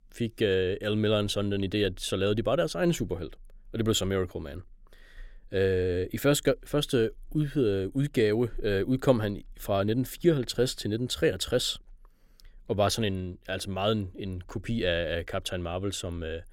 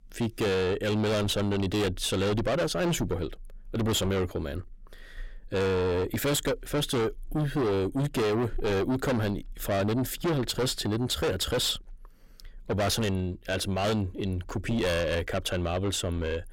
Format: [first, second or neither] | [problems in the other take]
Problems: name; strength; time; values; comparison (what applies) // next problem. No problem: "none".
first | distortion; heavy; 6 dB below the speech